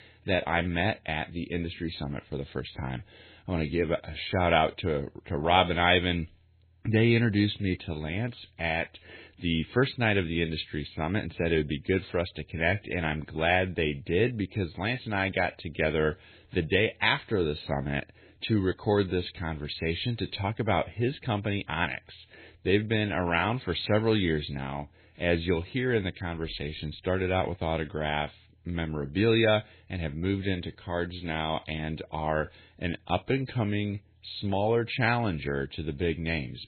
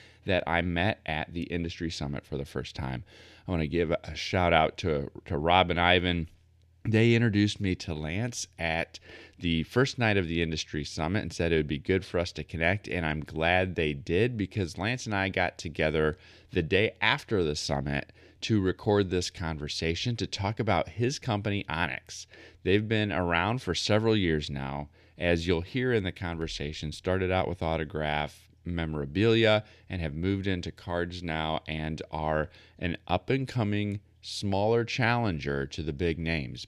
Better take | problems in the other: second | garbled, watery; badly; nothing above 4 kHz

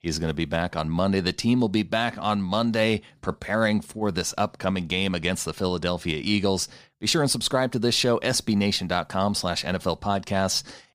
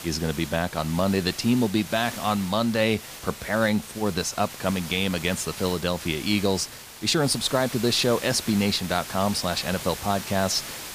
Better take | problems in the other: first | hiss; noticeable; throughout; 10 dB below the speech

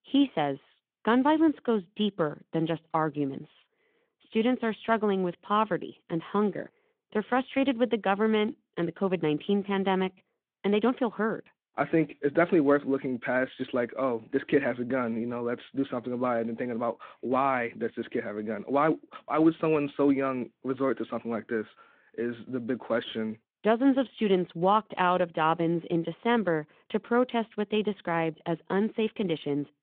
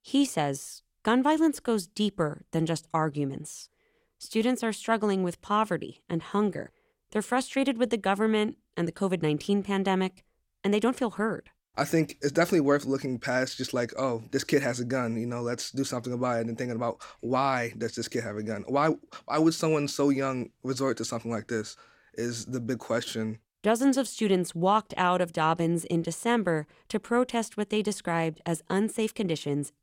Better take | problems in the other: second | phone-call audio

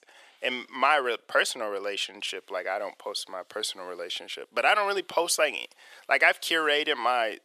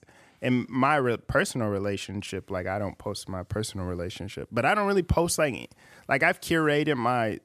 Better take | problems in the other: second | thin; very; fading below 450 Hz

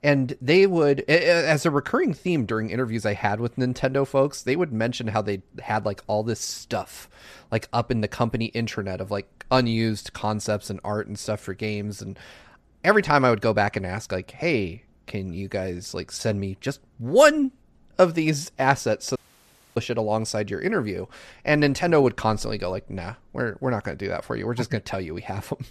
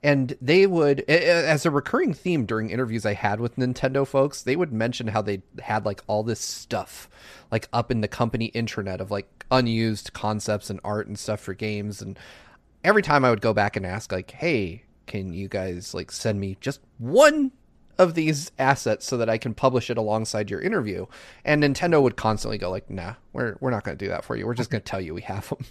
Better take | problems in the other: second | audio cutting out; at 19 s for 0.5 s

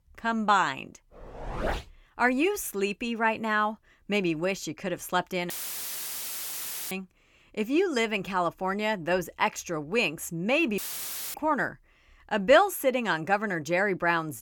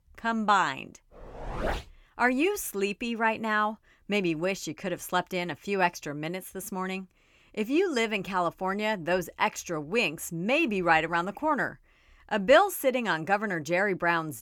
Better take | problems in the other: second | audio cutting out; filled with static; at 5.5 s for 1.5 s and at 11 s for 0.5 s

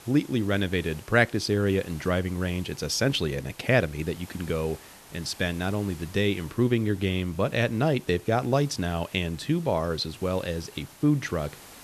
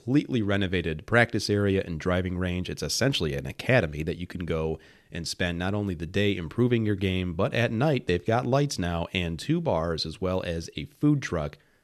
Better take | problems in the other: second | hiss; faint; throughout; 20 dB below the speech

